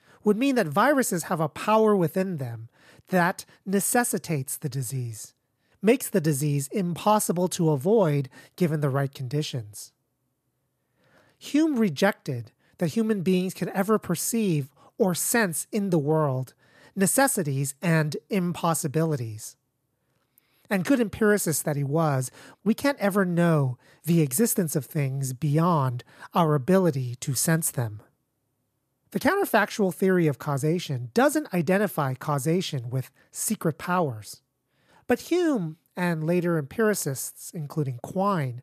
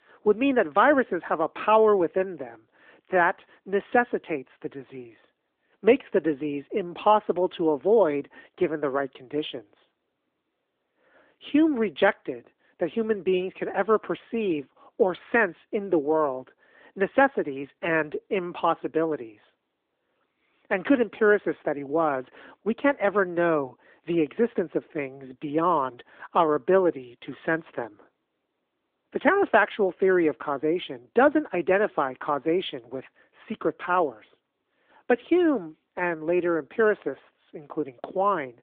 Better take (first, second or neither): first